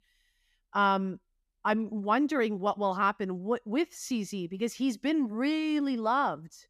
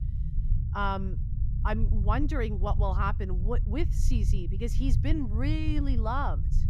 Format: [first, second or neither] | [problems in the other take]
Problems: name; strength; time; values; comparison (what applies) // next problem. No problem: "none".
first | low rumble; noticeable; throughout; 15 dB below the speech